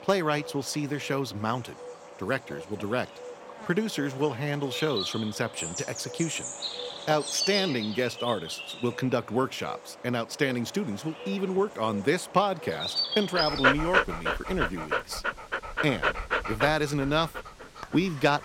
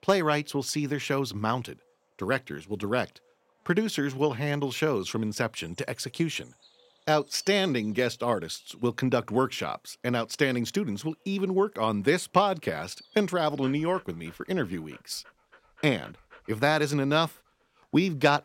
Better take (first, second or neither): second